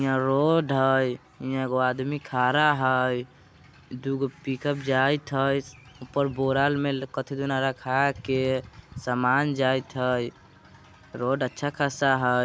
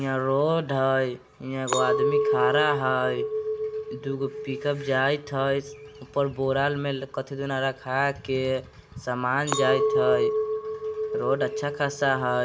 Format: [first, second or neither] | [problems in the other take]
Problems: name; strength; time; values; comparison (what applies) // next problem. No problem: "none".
first | background sound (Chink, clink); 3 dB below the speech // room echo; dies away in 0.3 s